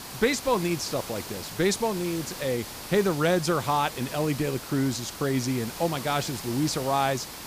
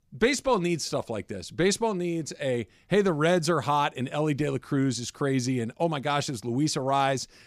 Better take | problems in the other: second | hiss; loud; throughout; 10 dB below the speech

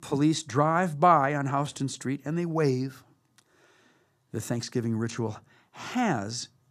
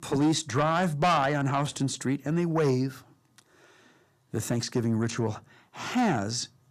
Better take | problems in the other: first | distortion; heavy; 7 dB below the speech

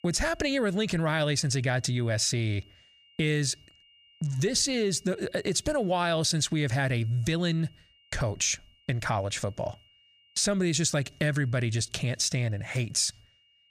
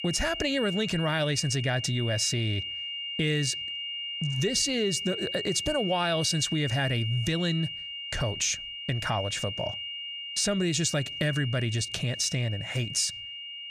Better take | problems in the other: first | high-pitched whine; loud; throughout; 3 kHz, 5 dB below the speech; faint in the first

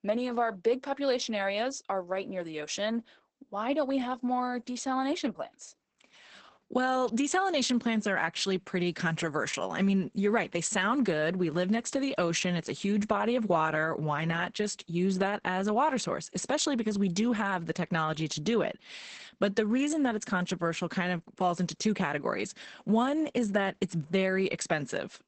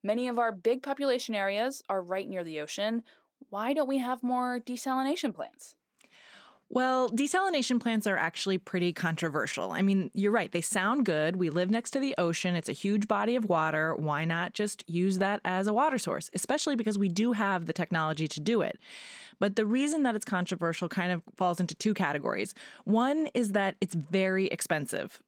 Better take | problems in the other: second | garbled, watery; badly; nothing above 8 kHz; slightly in the second

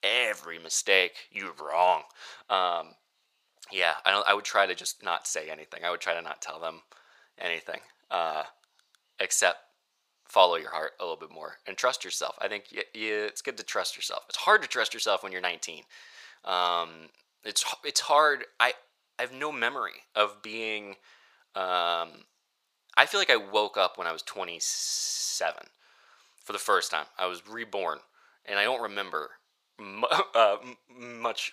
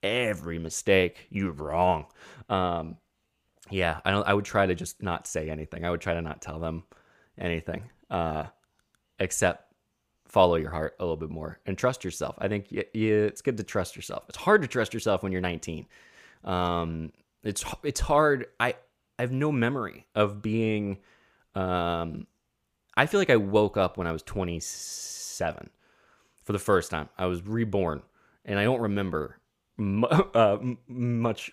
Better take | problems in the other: second | thin; very; fading below 800 Hz

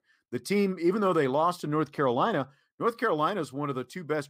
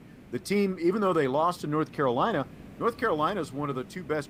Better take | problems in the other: first | hiss; faint; throughout; 20 dB below the speech

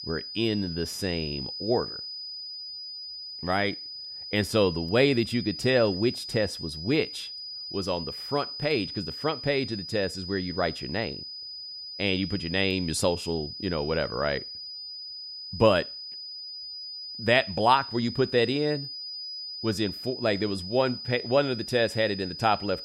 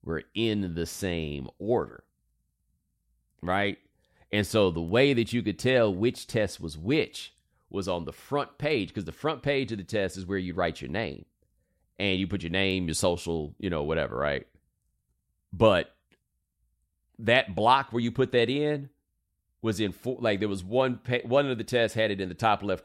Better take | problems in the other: second | high-pitched whine; loud; throughout; 5 kHz, 8 dB below the speech

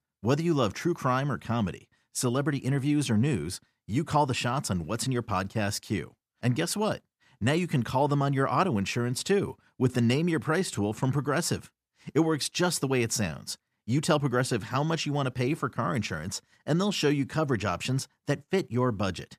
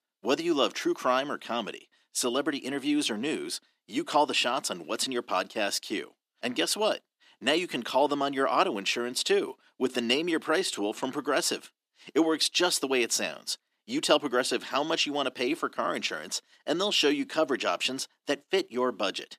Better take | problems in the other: first | thin; somewhat; fading below 300 Hz

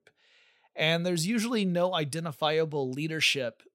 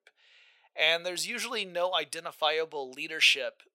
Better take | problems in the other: first | thin; very; fading below 650 Hz

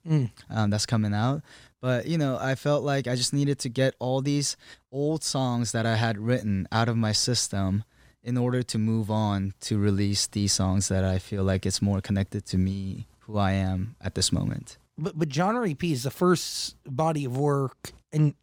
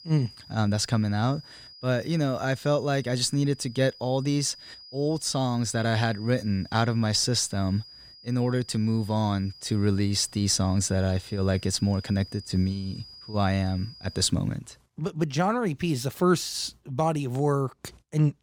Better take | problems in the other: first | high-pitched whine; noticeable; until 14 s; 5 kHz, 20 dB below the speech

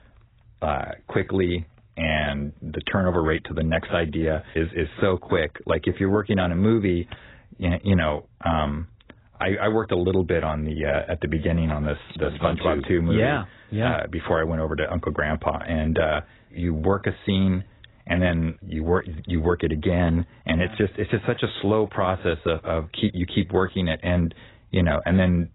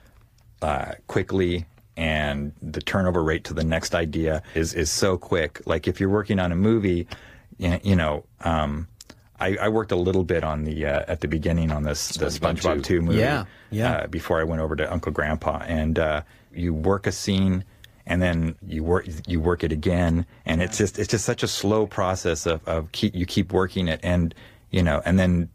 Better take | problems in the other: second | garbled, watery; badly; nothing above 4 kHz; slightly in the second

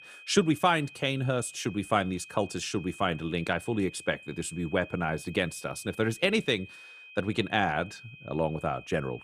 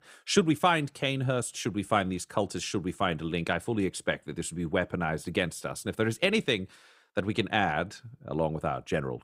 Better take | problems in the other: second | high-pitched whine; noticeable; throughout; 2.5 kHz, 20 dB below the speech

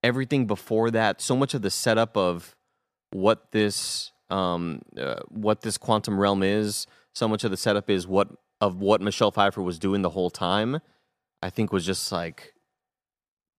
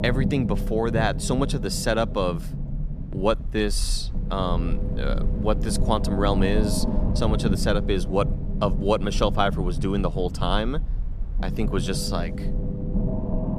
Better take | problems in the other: first | low rumble; loud; throughout; 10 dB below the speech

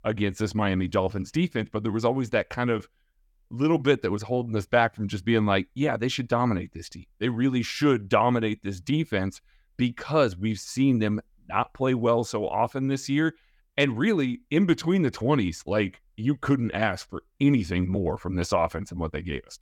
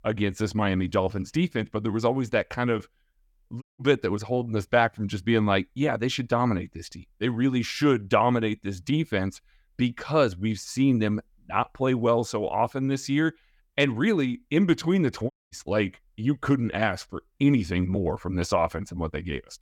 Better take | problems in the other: first | audio cutting out; at 3.5 s and at 15 s

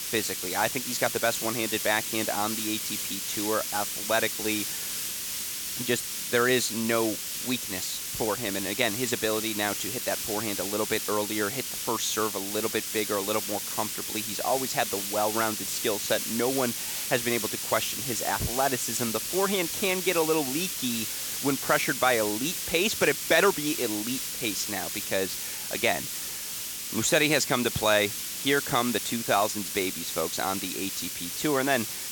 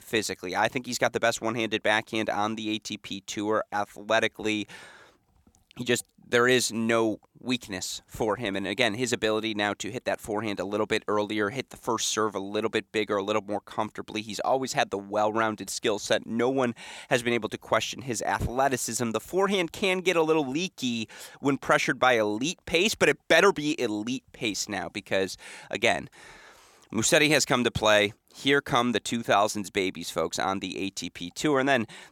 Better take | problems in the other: second | hiss; loud; throughout; 2 dB below the speech

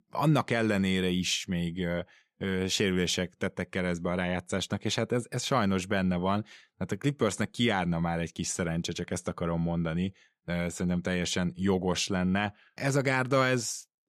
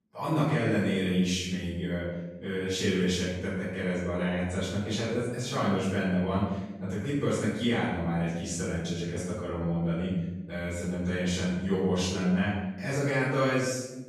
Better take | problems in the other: first | off-mic speech; far // room echo; strong; dies away in 1 s

